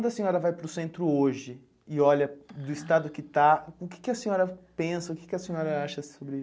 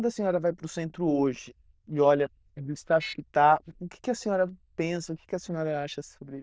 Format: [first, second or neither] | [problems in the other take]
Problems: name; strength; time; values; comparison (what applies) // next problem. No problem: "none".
first | noise reduction (neural diffusion model UNIVERSE++)